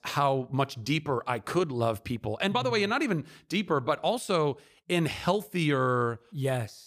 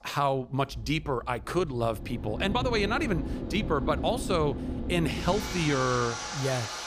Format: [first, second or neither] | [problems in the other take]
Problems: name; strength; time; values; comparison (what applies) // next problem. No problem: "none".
first | machinery noise; loud; throughout; 6 dB below the speech